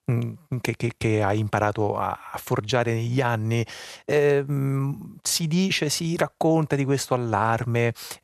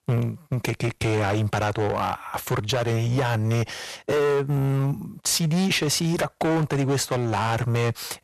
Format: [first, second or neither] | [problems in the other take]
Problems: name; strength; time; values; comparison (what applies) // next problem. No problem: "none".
first | distortion; heavy; 19% of the sound clipped